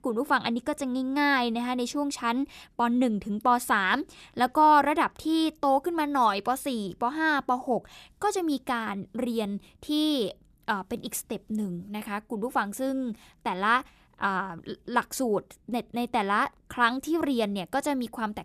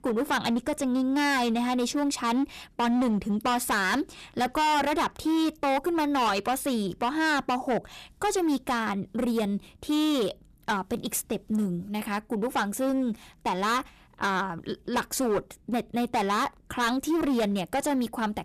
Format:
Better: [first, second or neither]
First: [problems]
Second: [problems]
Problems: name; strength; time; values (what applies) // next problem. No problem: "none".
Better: first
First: none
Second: distortion; heavy; 15% of the sound clipped